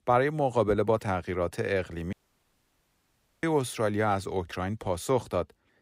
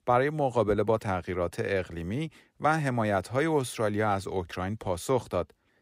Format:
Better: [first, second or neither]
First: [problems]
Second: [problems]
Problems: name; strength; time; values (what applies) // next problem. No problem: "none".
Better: second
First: audio cutting out; at 2 s for 1.5 s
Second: none